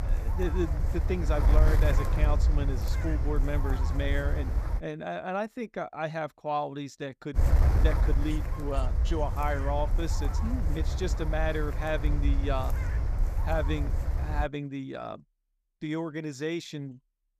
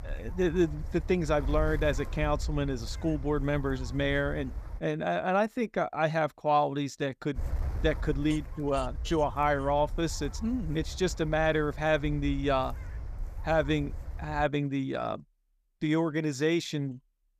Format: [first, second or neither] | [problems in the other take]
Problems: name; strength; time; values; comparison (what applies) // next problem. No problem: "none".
second | wind noise on the microphone; heavy; until 5 s and from 7.5 to 14 s; 6 dB below the speech; occasional gusts in the second